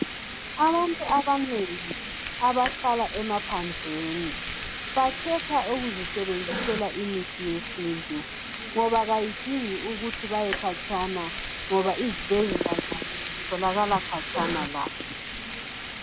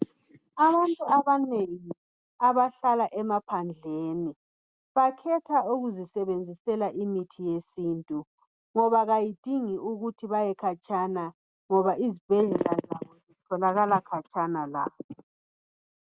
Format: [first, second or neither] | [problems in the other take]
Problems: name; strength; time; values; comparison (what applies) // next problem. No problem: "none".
second | background sound (Frying (food)); 6 dB below the speech